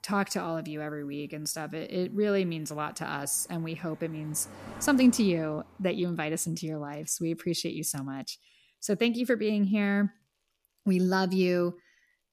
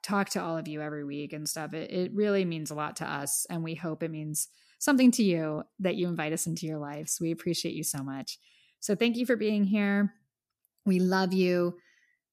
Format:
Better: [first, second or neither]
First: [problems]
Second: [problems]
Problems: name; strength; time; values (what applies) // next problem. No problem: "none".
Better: second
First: animal sounds; faint; throughout; 20 dB below the speech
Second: none